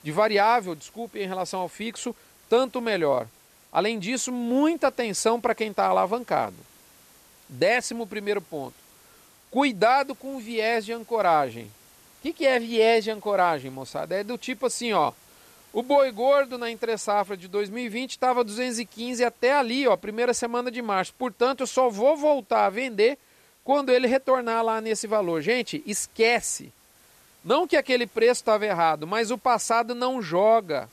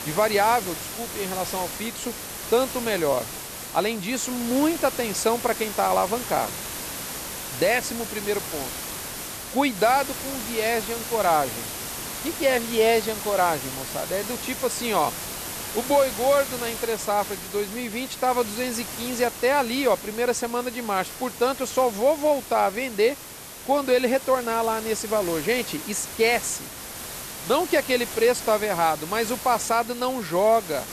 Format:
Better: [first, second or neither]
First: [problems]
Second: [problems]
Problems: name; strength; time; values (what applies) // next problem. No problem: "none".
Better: first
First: hiss; faint; throughout; 30 dB below the speech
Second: hiss; loud; throughout; 8 dB below the speech